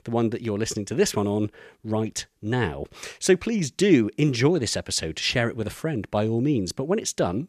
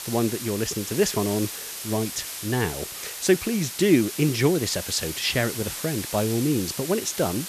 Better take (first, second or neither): first